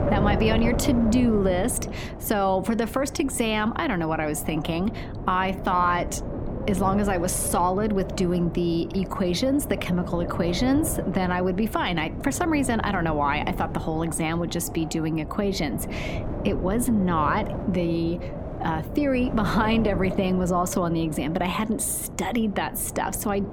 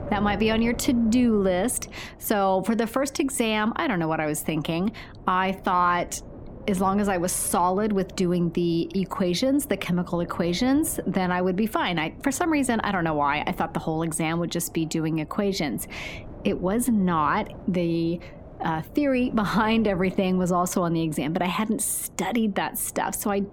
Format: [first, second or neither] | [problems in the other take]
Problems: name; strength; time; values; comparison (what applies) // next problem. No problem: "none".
second | wind noise on the microphone; heavy; 10 dB below the speech; occasional gusts in the second